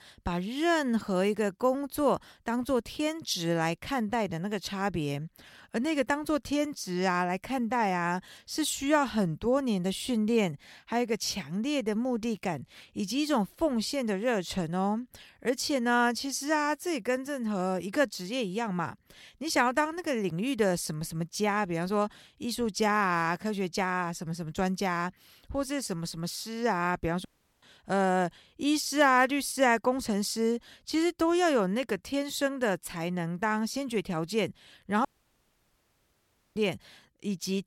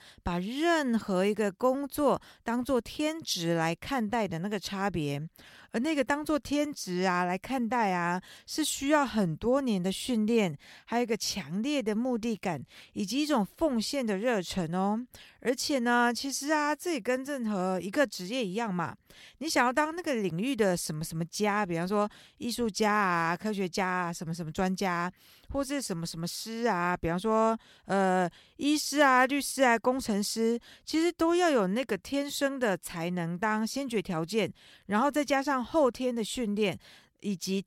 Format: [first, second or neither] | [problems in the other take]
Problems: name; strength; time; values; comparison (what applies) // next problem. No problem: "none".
second | audio cutting out; at 27 s and at 35 s for 1.5 s